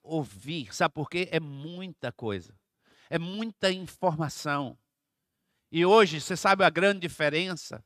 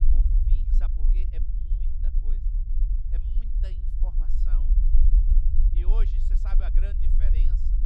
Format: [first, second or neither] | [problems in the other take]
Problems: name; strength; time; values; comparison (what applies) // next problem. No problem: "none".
first | low rumble; loud; throughout; 1 dB below the speech